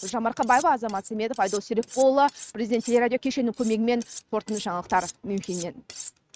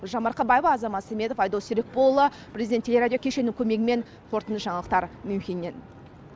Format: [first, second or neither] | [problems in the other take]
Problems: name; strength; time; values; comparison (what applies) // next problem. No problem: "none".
second | noise reduction (neural mask model RNNoise)